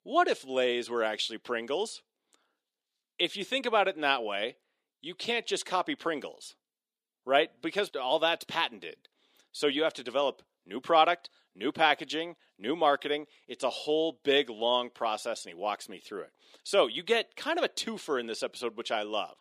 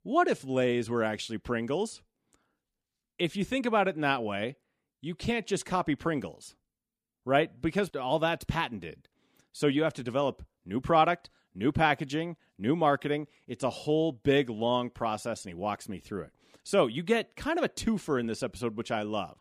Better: second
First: thin; somewhat; fading below 450 Hz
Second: none

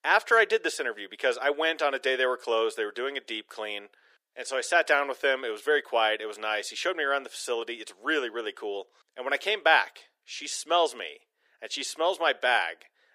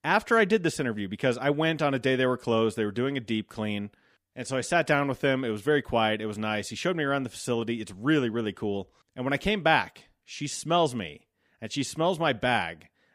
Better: second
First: thin; very; fading below 400 Hz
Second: none

